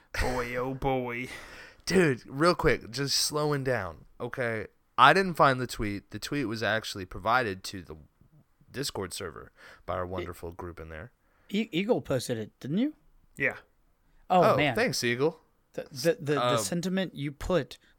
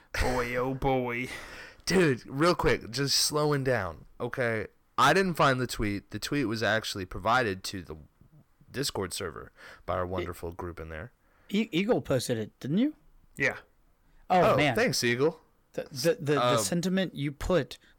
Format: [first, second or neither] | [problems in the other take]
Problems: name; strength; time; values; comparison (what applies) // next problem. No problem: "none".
first | distortion; slight; 10 dB below the speech